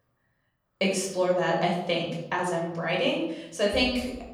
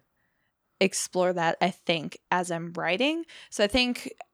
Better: second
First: off-mic speech; far // room echo; noticeable; dies away in 1.2 s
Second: none

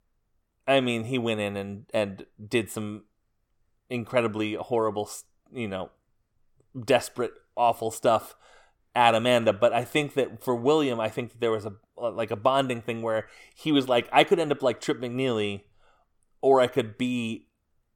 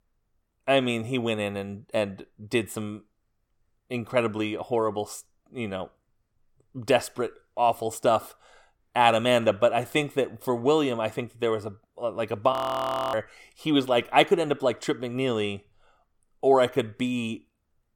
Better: first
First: none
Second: audio freezing; at 13 s for 0.5 s

